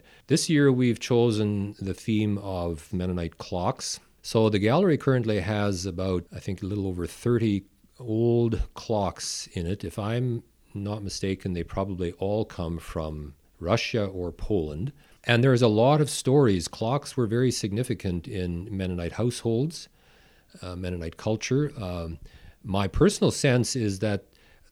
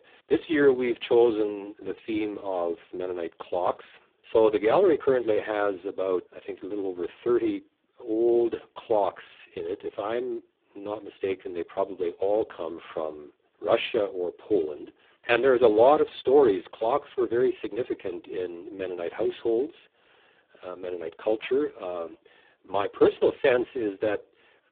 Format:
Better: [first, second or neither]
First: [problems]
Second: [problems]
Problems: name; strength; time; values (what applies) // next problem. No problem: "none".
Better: first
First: none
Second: phone-call audio; poor line; nothing above 3.5 kHz